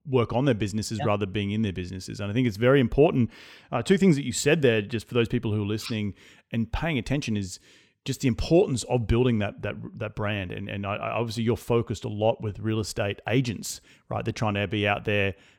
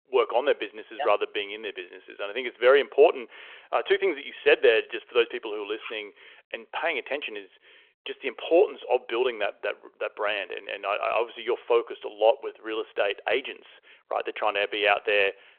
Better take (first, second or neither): first